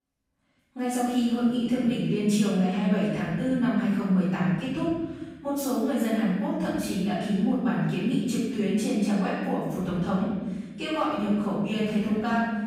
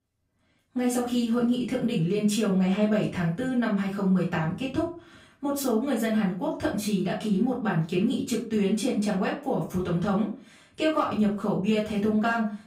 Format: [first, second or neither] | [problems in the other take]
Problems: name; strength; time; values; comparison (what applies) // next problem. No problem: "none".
second | room echo; strong; dies away in 1.3 s; slight in the second // off-mic speech; far; far in the second